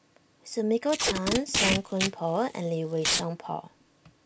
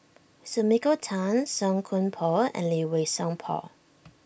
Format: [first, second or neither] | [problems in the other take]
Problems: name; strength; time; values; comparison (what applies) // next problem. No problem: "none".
second | background sound (Packing tape, duct tape); 1 dB below the speech